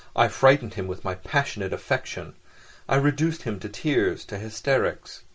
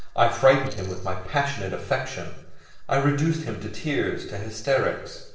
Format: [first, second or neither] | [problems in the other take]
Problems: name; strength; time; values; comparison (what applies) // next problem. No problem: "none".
first | noise reduction (neural separator model SepFormer DNS4)